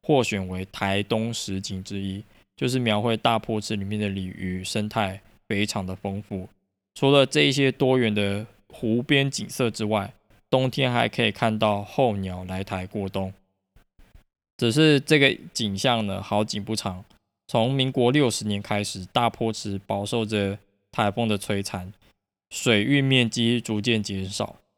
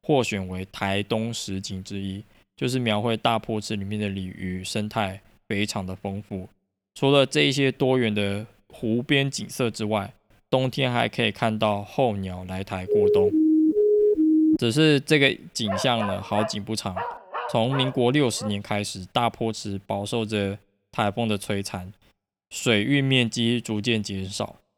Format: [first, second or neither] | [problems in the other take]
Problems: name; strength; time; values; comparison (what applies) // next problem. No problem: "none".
first | siren; loud; from 13 to 15 s; peak 6 dB above the speech // dog barking; noticeable; from 16 to 19 s; peak 5 dB below the speech